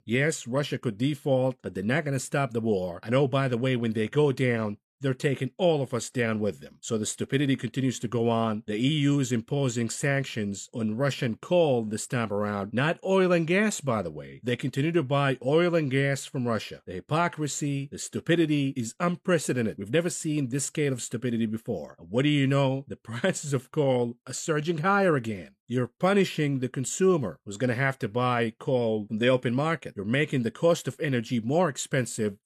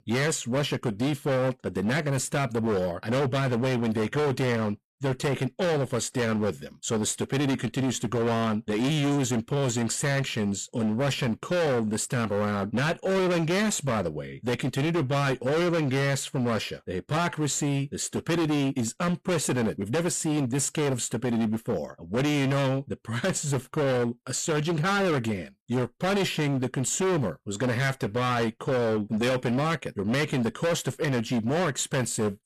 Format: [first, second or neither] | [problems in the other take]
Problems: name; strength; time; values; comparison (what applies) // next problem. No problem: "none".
first | distortion; heavy; 26% of the sound clipped